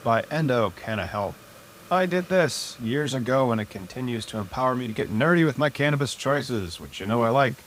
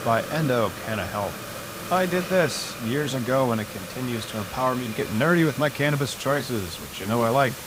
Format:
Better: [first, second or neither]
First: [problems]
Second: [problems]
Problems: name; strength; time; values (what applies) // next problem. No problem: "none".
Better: first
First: hiss; faint; throughout; 20 dB below the speech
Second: hiss; loud; throughout; 10 dB below the speech